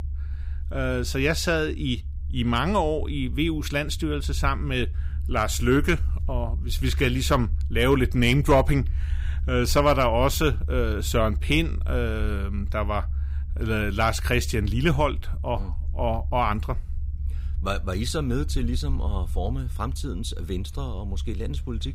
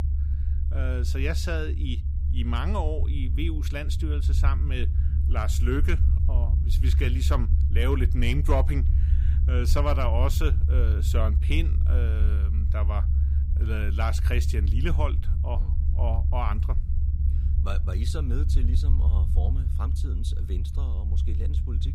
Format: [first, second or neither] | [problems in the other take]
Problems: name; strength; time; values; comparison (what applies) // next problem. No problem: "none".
first | low rumble; loud; throughout; 9 dB below the speech; faint in the first